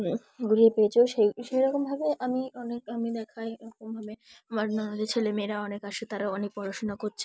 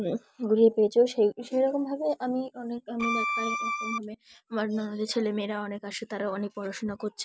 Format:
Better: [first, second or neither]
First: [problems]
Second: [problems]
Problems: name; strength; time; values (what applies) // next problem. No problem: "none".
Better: first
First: none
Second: background sound (Bowed string instrument); 1 dB below the speech